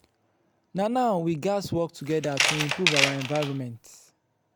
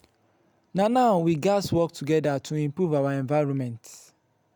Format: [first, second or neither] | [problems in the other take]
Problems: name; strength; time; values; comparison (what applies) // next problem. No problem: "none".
second | background sound (Tools); 1 dB above the speech